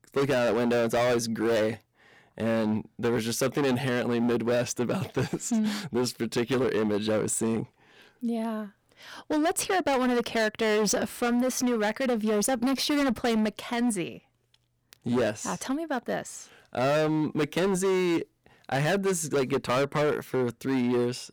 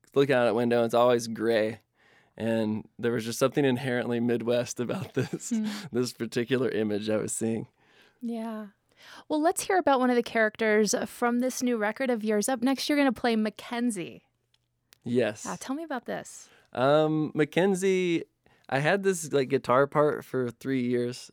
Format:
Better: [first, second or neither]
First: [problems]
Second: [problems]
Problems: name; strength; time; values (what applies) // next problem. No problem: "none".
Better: second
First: distortion; heavy; 17% of the sound clipped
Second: none